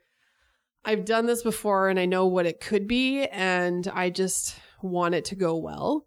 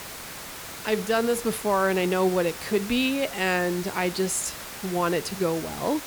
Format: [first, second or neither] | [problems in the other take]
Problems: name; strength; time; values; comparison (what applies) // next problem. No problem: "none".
first | hiss; noticeable; throughout; 10 dB below the speech